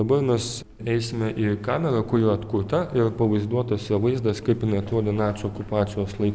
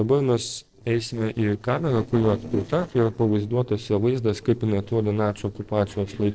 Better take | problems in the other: first | noise reduction (neural separator model SepFormer DNS4)

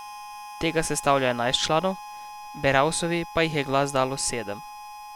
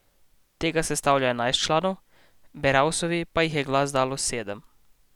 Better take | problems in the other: second | background sound (Harmonica); 14 dB below the speech

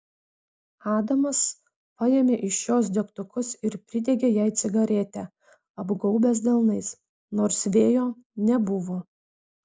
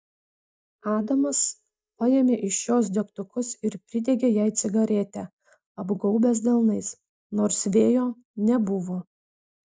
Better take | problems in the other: first | noise reduction (neural mask model DeepFilterNet 3)

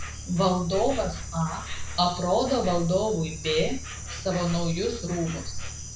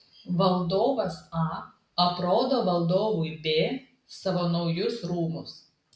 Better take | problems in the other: second | background sound (Insect); 7 dB below the speech

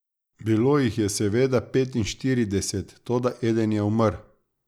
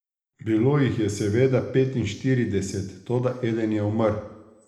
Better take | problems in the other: first | room echo; dies away in 0.8 s

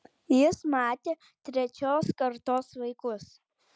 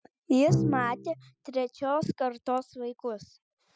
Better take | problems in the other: first | noise reduction (classical method spectral subtraction)

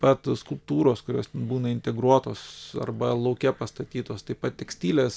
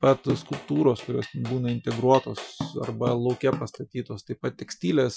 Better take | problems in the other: first | noise reduction (classical method Wiener filter)

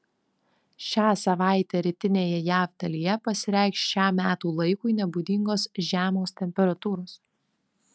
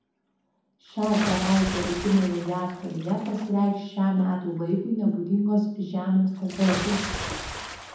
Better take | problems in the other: first | background sound (Bathtub (filling or washing) / Splash, splatter); 10 dB below the speech // room echo; dies away in 1.2 s

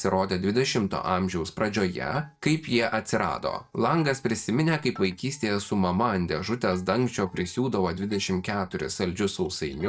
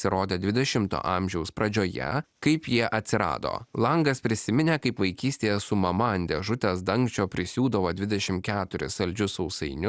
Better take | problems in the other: second | noise reduction (neural mask model DeepFilterNet 3)

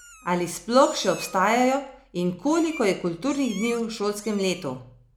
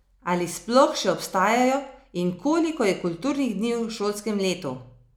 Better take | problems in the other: second | background sound (Meow); 20 dB below the speech

